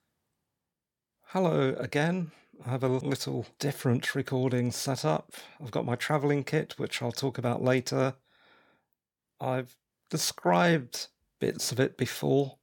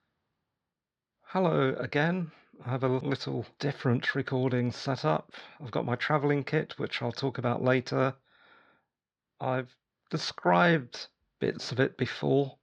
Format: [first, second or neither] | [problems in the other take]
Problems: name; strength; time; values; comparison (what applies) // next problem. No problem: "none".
first | muffled; very slightly; fading above 4.5 kHz